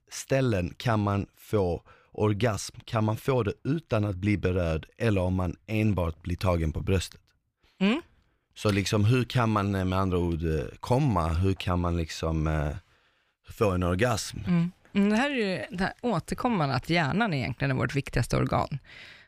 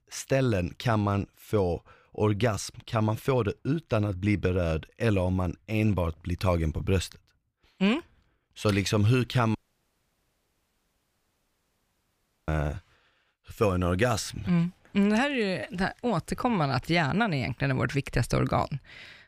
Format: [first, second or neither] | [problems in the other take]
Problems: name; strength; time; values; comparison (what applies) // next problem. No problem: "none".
first | audio cutting out; at 9.5 s for 3 s